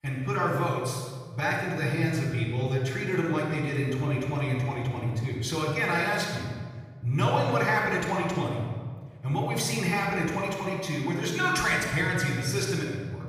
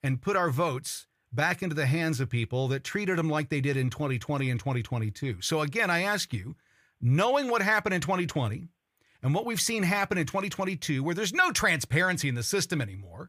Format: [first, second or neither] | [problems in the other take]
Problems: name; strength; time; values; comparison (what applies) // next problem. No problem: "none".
second | off-mic speech; far // room echo; noticeable; dies away in 1.3 s